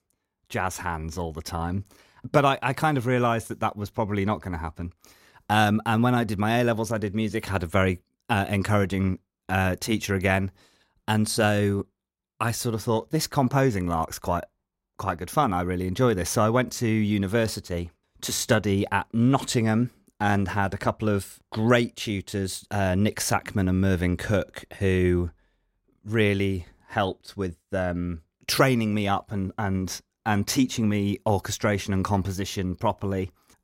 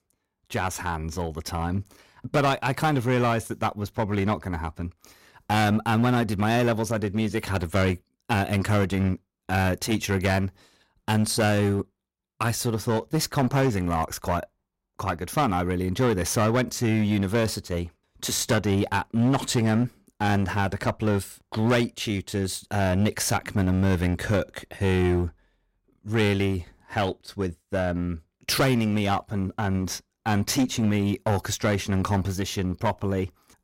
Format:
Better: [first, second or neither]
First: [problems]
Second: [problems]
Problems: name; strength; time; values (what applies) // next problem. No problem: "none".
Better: first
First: none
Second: distortion; slight; 8% of the sound clipped